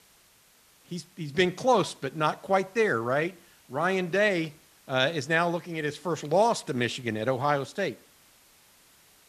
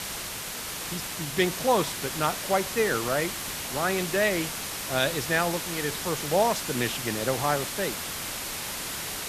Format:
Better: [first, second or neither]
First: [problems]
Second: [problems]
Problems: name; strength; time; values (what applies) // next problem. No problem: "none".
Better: first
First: hiss; faint; throughout; 30 dB below the speech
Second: hiss; loud; throughout; 4 dB below the speech